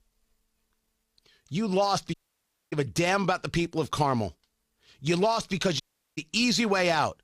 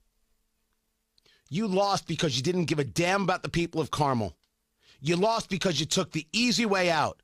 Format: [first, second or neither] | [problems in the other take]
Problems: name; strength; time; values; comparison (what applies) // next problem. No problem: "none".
second | audio cutting out; at 2 s for 0.5 s and at 6 s